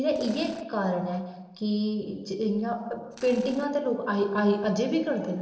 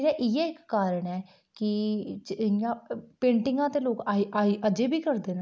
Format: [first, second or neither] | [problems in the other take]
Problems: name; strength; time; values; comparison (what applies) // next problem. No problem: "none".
second | noise reduction (neural separator model SepFormer DNS4)